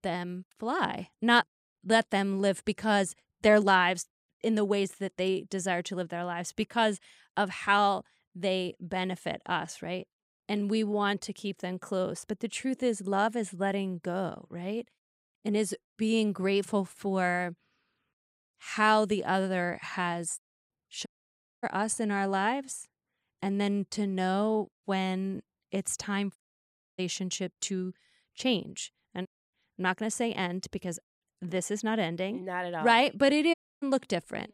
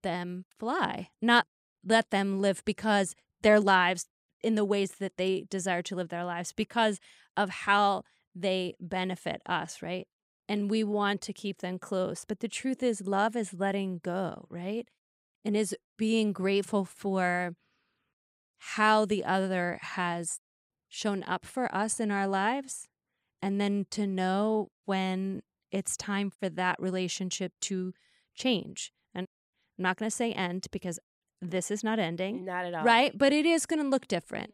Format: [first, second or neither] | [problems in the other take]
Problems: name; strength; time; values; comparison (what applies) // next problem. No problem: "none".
second | audio cutting out; at 21 s for 0.5 s, at 26 s for 0.5 s and at 34 s